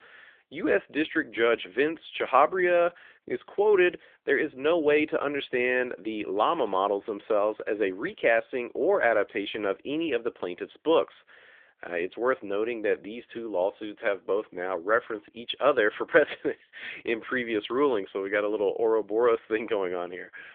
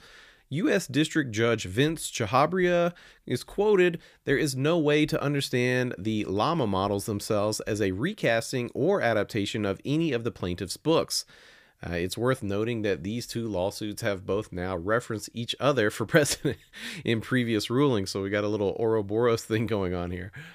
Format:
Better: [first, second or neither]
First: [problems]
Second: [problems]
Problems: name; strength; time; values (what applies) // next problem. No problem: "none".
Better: second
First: phone-call audio; nothing above 3.5 kHz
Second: none